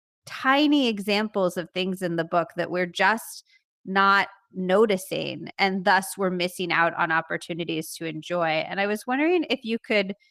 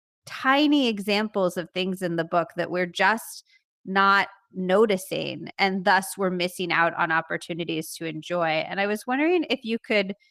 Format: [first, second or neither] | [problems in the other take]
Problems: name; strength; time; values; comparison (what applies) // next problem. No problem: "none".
neither | garbled, watery; slightly; nothing above 14.5 kHz; the same in both